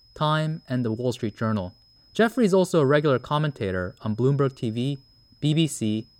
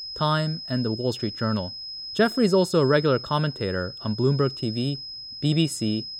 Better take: first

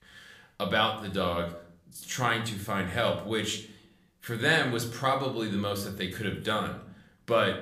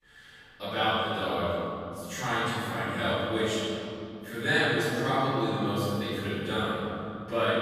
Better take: first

